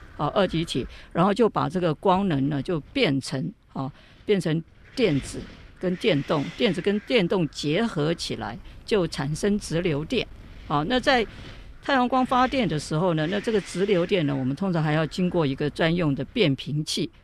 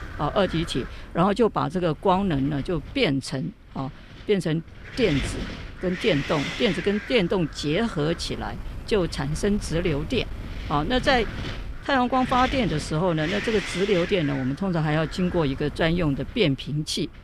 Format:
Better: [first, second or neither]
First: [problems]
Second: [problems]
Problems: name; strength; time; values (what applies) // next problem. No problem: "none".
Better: first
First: wind noise on the microphone; occasional gusts; 20 dB below the speech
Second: wind noise on the microphone; heavy; 10 dB below the speech